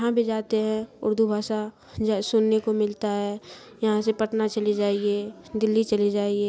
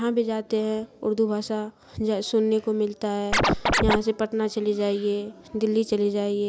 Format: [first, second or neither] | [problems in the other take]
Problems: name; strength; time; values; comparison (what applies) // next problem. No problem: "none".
first | background sound (Scratching (performance technique)); 3 dB above the speech